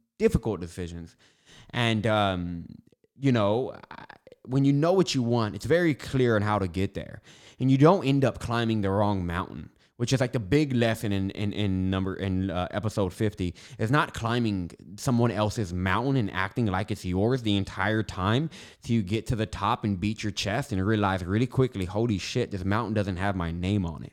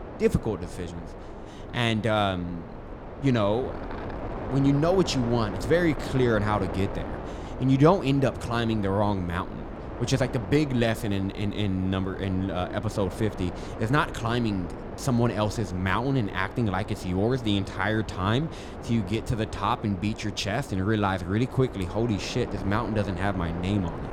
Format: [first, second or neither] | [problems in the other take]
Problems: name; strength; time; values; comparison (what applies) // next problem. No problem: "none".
first | wind noise on the microphone; occasional gusts; 10 dB below the speech